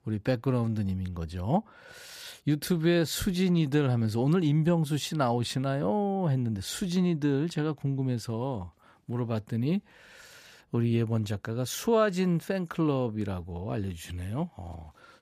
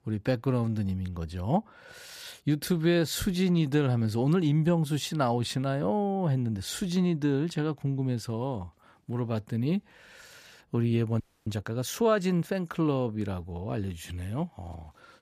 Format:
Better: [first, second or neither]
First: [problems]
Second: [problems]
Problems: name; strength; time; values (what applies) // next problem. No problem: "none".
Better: first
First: none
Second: audio freezing; at 11 s